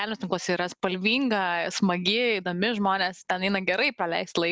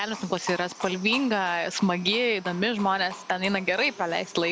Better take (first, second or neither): first